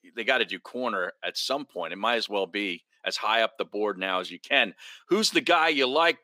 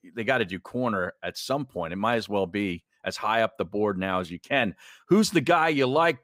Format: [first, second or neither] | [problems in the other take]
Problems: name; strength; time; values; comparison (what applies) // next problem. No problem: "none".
second | thin; very slightly; fading below 250 Hz